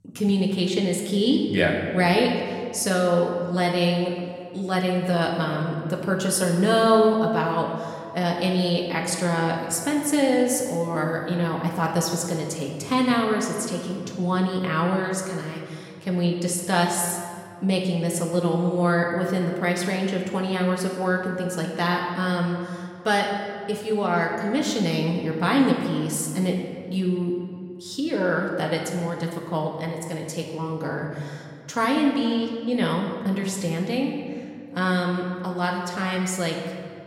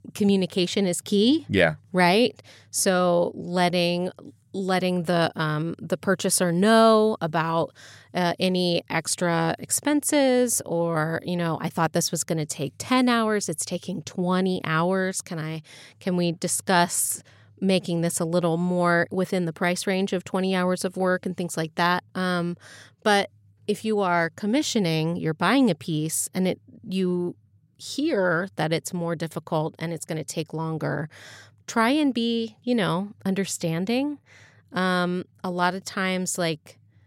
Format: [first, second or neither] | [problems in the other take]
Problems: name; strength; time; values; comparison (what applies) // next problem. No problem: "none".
second | room echo; noticeable; dies away in 1.7 s // off-mic speech; somewhat distant